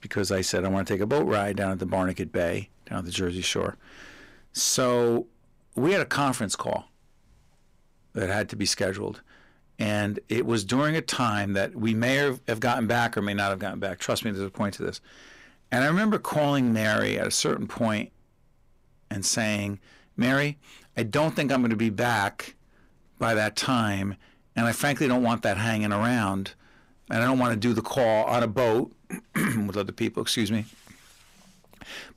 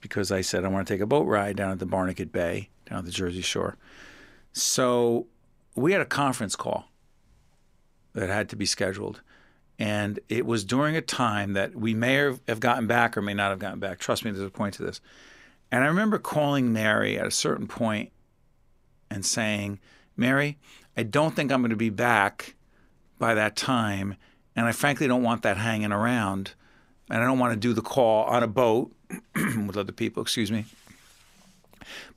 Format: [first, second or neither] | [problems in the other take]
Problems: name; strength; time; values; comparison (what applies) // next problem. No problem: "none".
second | distortion; slight; 4% of the sound clipped